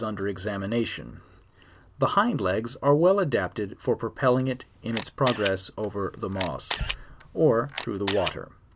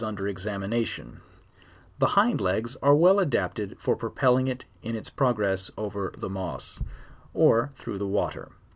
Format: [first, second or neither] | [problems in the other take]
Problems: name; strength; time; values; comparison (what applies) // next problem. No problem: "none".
second | background sound (Camera); 10 dB below the speech